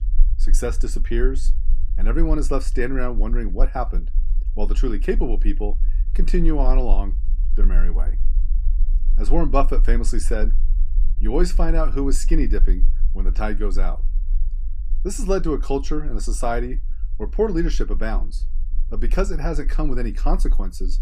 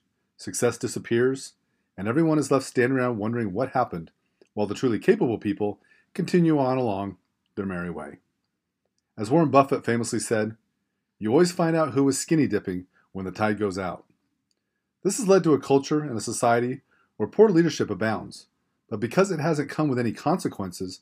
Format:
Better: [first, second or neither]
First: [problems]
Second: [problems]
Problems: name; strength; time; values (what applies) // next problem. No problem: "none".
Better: second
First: low rumble; faint; throughout; 25 dB below the speech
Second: none